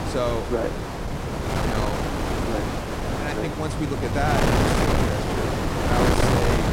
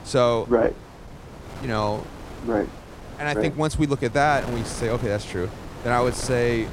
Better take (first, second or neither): second